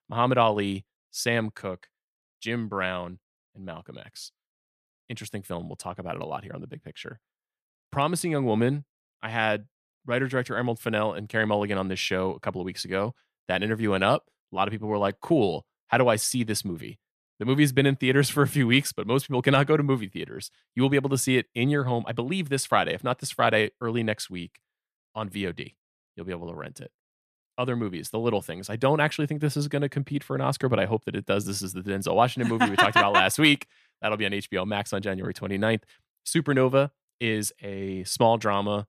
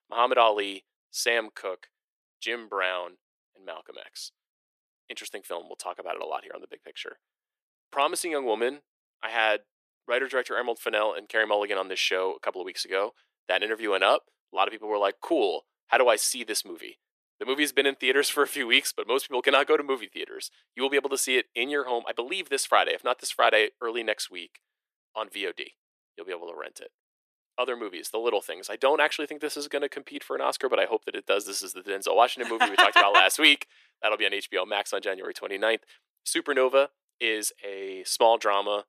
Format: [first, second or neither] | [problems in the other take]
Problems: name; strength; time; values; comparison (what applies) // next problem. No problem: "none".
first | thin; very; fading below 350 Hz